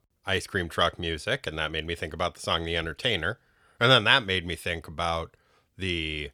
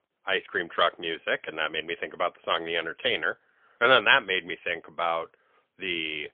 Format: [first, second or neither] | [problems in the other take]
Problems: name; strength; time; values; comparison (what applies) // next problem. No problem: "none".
first | phone-call audio; poor line; nothing above 3.5 kHz